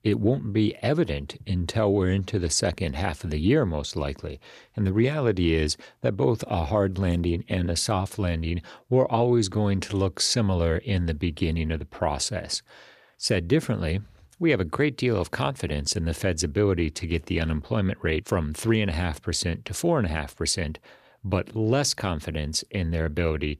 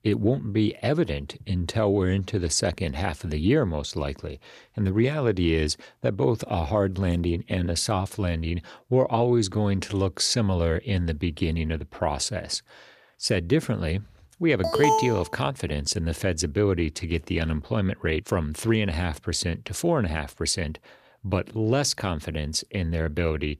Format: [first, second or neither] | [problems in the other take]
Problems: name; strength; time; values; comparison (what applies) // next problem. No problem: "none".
first | alarm; loud; at 15 s; peak 3 dB above the speech